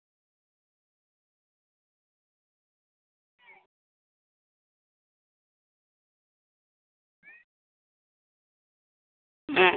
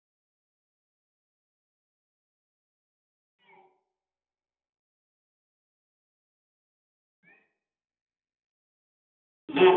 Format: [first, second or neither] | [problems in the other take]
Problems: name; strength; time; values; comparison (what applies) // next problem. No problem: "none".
first | room echo; dies away in 0.8 s